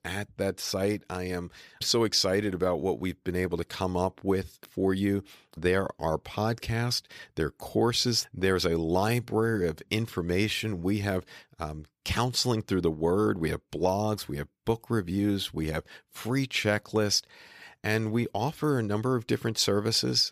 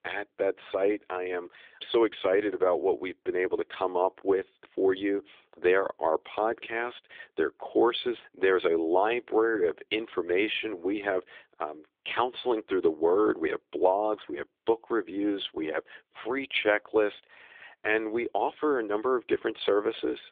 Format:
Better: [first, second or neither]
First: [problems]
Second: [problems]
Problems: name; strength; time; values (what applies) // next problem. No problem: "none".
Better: first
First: none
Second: phone-call audio